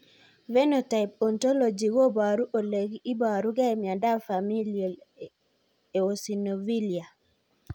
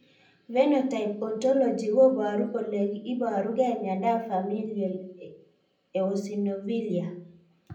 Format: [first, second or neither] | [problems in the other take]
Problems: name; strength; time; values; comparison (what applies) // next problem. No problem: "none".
first | room echo; dies away in 0.6 s